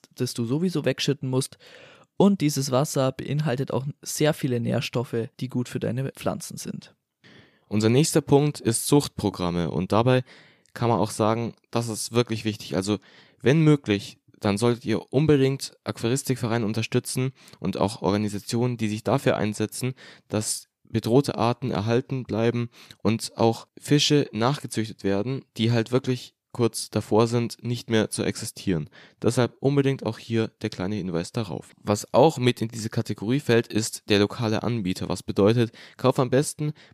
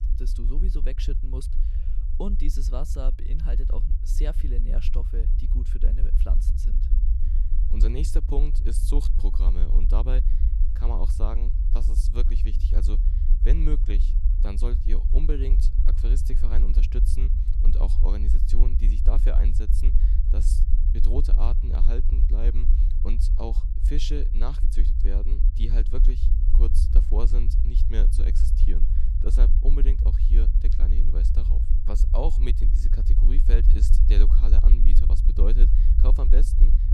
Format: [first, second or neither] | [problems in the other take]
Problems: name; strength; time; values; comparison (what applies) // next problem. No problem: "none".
first | low rumble; loud; throughout; 5 dB below the speech